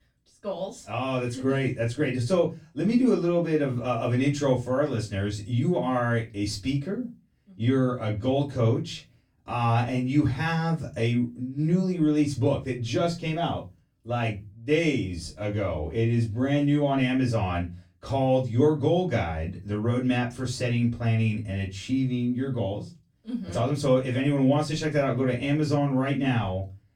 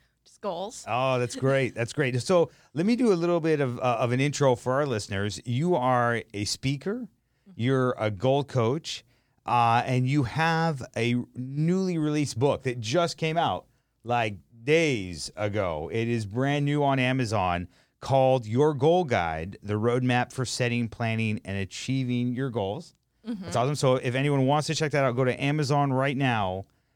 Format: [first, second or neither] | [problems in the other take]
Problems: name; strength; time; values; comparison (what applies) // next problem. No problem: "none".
second | off-mic speech; far // room echo; very slight; dies away in 0.3 s